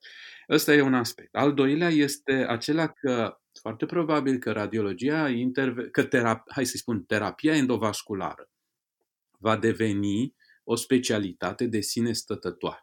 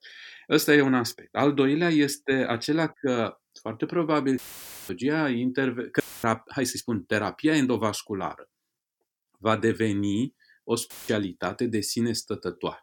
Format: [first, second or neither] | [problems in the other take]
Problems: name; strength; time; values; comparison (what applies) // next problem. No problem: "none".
first | audio cutting out; filled with static; at 4.5 s for 0.5 s, at 6 s and at 11 s